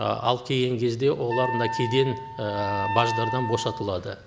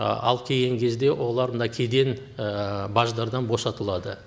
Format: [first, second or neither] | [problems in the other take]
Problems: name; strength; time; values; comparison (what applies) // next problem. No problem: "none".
second | background sound (Wind instrument, woodwind instrument); 5 dB below the speech